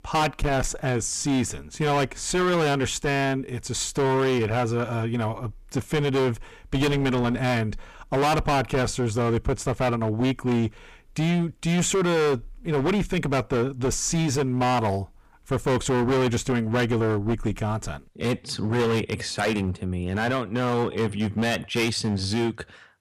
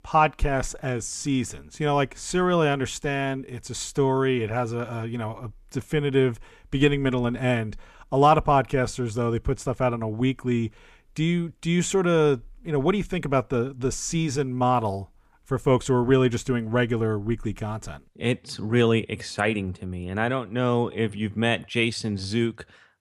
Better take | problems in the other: second | distortion; heavy; 18% of the sound clipped

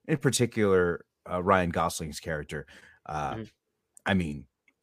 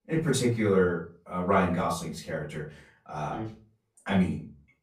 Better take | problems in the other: first | off-mic speech; far // room echo; slight; dies away in 0.3 s

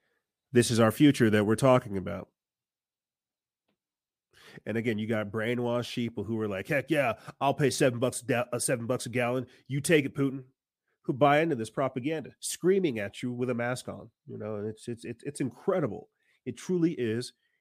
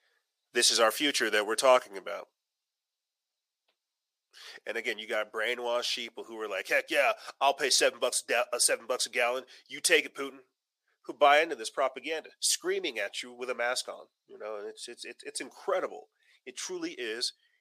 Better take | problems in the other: first | thin; very; fading below 500 Hz

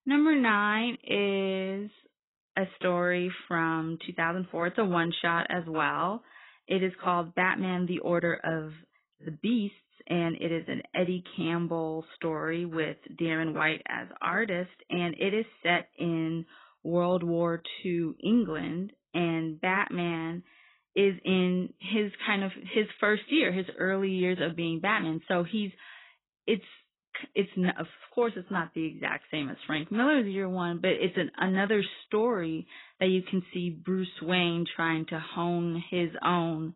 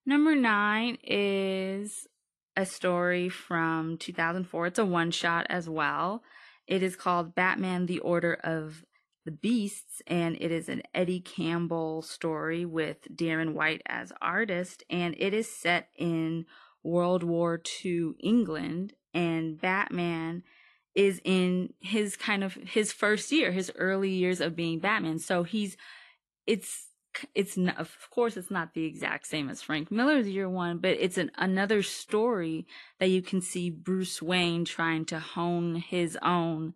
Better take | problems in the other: second | garbled, watery; badly; nothing above 4 kHz; slightly in the second

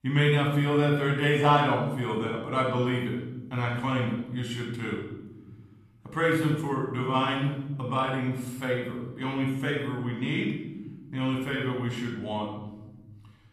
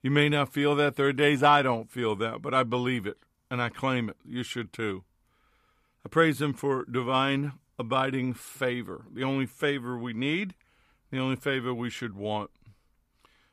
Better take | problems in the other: second | off-mic speech; somewhat distant // room echo; noticeable; dies away in 1.5 s

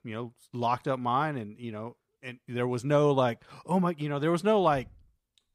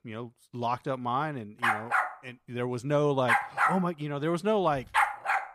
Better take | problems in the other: first | dog barking; loud; from 1.5 s on; peak 4 dB above the speech

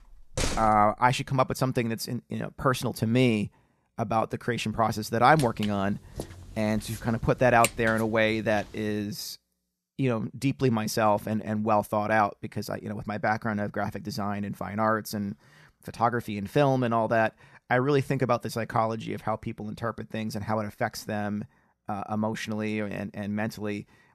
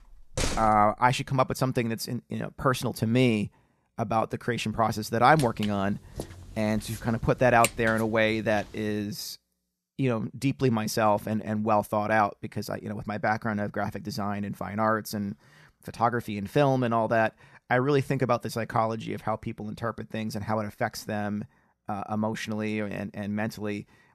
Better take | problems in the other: neither | door banging; noticeable; at 0.5 s; peak 3 dB below the speech; the same in both // footsteps; noticeable; from 5.5 to 8 s; peak 3 dB below the speech; the same in both

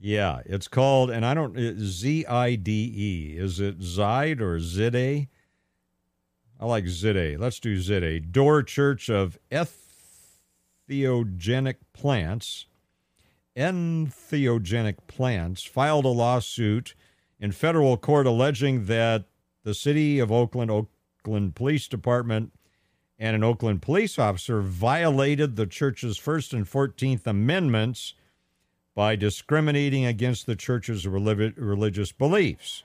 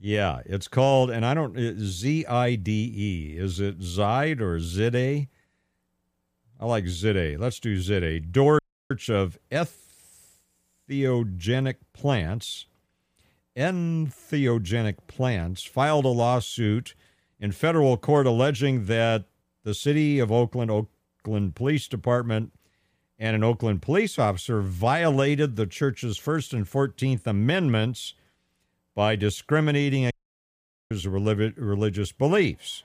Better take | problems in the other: first | audio cutting out; at 8.5 s and at 30 s for 1 s

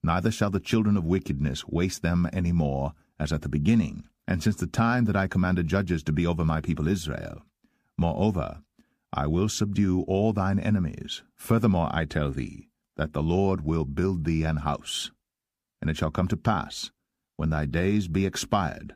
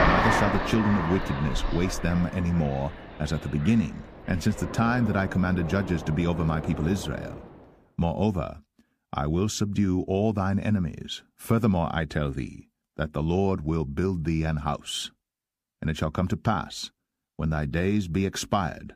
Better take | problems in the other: first | train or aircraft noise; loud; until 7 s; 5 dB below the speech

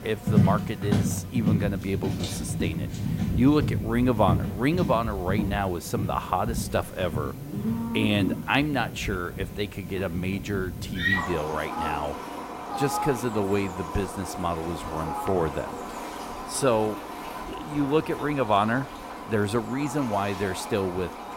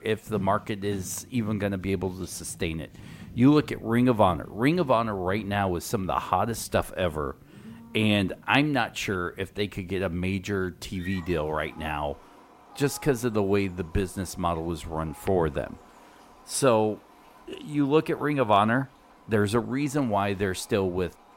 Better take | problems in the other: second | animal sounds; loud; throughout; 3 dB below the speech; faint in the second

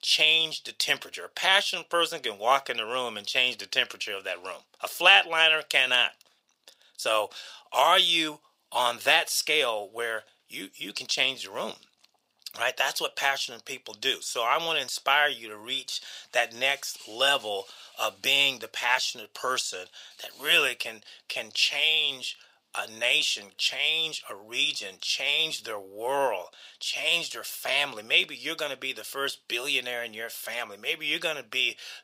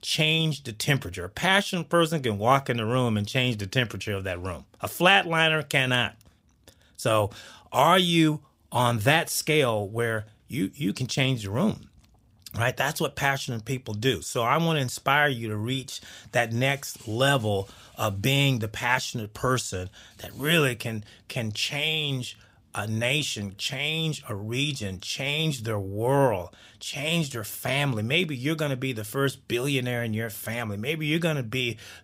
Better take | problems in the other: second | thin; very; fading below 650 Hz

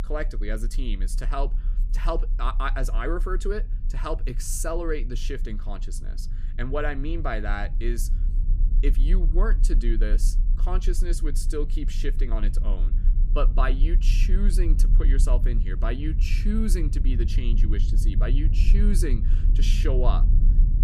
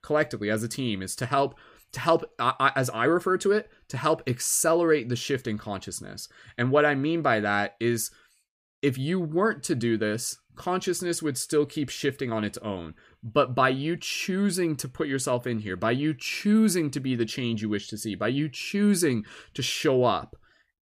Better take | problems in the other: second | low rumble; noticeable; throughout; 15 dB below the speech

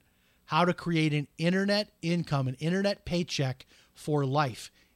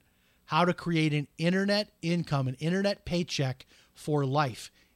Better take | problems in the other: neither | none

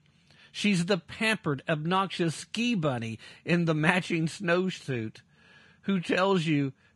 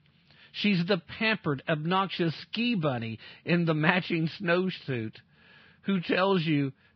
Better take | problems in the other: first | garbled, watery; badly; slightly in the first

